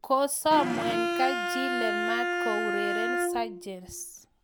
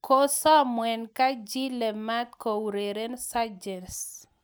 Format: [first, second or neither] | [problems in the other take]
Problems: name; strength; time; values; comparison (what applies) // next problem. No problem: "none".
second | background sound (Bowed string instrument); as loud as the speech